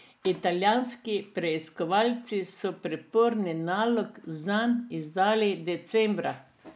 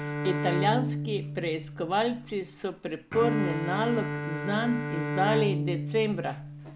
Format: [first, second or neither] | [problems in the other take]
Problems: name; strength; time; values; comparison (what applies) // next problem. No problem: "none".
first | background sound (Bowed string instrument); 2 dB below the speech